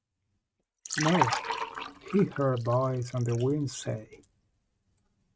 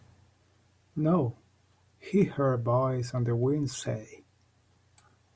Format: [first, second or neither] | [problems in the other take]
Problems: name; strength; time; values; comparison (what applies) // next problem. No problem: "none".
second | noise reduction (neural mask model RNNoise)